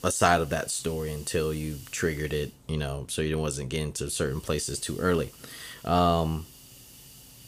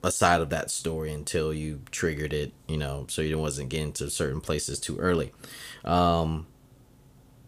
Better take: second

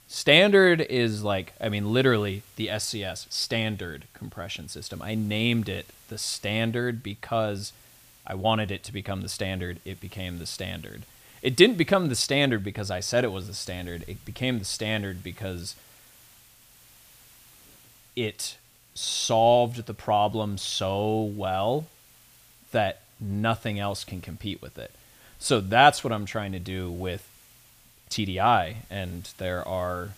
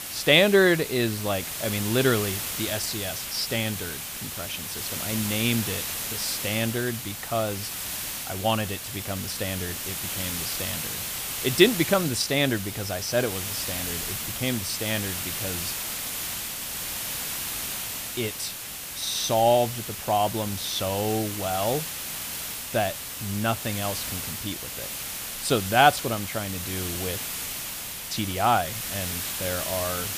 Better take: first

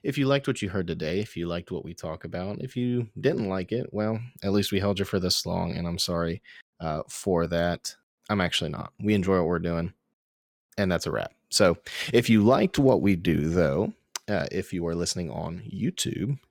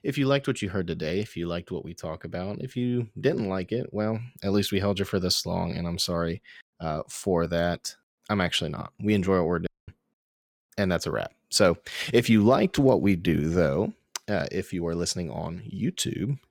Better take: first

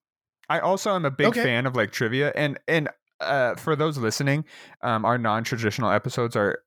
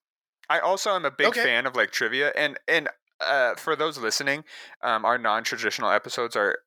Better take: first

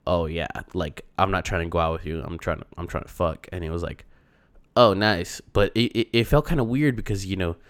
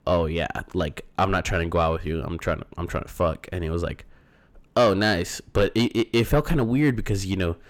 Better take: first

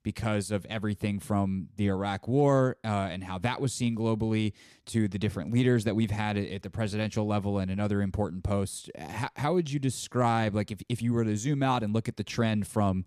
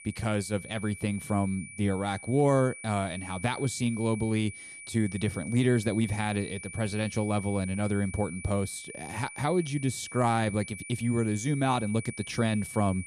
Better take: first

